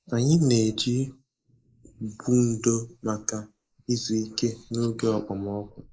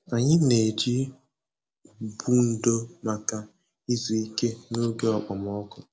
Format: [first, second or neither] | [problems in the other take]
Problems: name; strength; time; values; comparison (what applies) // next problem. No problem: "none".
second | noise reduction (neural mask model Resemble Enhance denoiser)